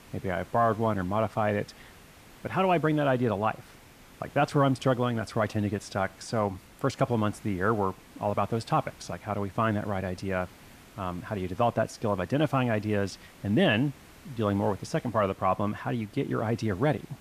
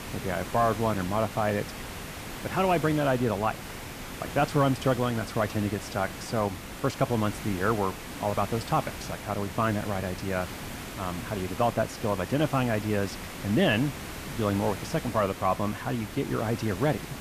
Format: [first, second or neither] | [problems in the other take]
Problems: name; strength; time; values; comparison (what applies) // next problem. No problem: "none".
first | hiss; loud; throughout; 10 dB below the speech; faint in the first